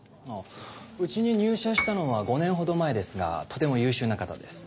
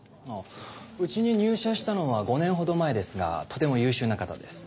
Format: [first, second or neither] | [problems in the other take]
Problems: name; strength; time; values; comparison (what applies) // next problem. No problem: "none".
second | background sound (Piano); 8 dB below the speech